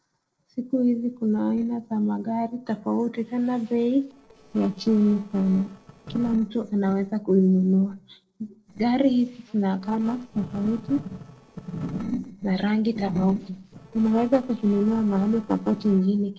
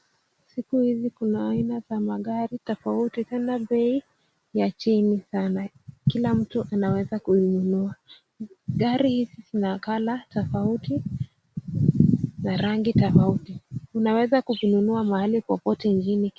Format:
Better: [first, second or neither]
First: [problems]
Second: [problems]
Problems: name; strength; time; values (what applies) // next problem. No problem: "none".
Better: second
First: noise reduction (neural separator model SepFormer DNS4)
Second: none